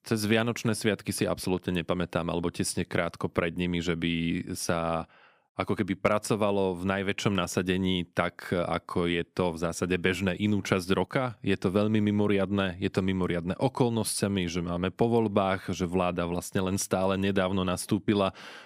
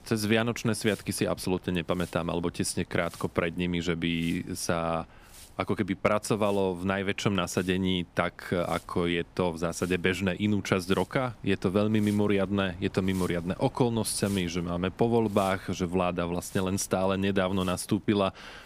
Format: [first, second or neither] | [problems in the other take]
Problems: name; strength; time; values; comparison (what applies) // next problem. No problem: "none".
first | wind noise on the microphone; occasional gusts; 25 dB below the speech